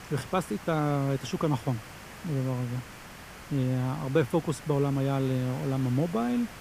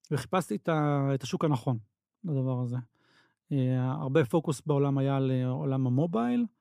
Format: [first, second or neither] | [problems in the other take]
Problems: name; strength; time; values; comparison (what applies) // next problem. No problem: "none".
second | hiss; noticeable; throughout; 15 dB below the speech